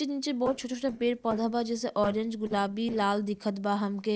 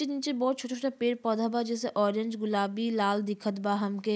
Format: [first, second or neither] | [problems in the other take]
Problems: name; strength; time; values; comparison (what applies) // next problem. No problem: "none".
second | noise reduction (neural separator model SepFormer DNS4)